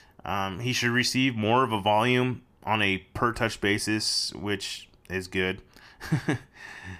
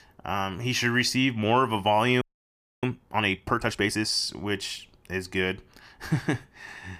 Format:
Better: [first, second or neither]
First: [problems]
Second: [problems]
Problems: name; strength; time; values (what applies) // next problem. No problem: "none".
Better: first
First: none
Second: audio freezing; at 2 s for 0.5 s